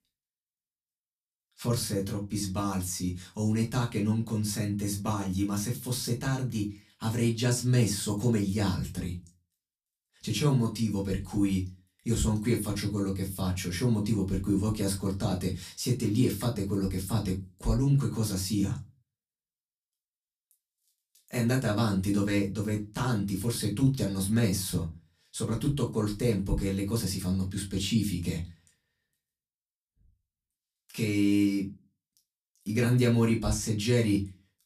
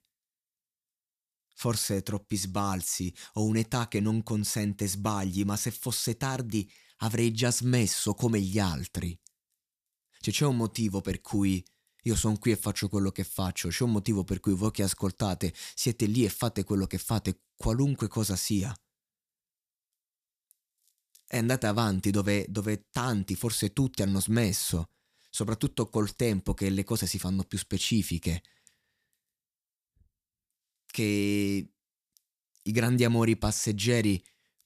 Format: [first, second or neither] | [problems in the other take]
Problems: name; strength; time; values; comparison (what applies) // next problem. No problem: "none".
second | off-mic speech; far // room echo; very slight; dies away in 0.2 s